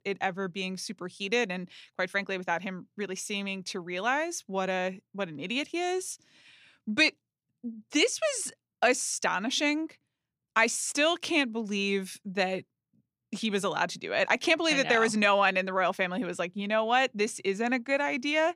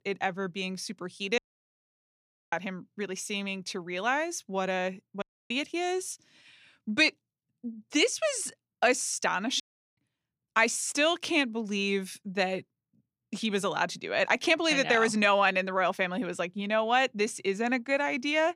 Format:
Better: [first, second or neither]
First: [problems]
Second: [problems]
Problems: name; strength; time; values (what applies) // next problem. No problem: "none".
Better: first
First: none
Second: audio cutting out; at 1.5 s for 1 s, at 5 s and at 9.5 s